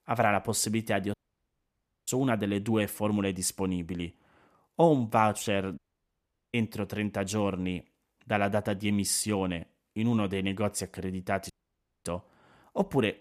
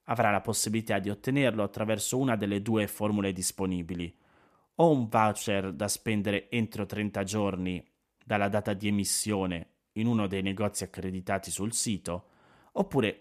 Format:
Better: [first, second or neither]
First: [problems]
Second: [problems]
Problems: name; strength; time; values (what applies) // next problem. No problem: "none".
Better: second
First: audio cutting out; at 1 s for 1 s, at 6 s for 1 s and at 12 s for 0.5 s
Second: none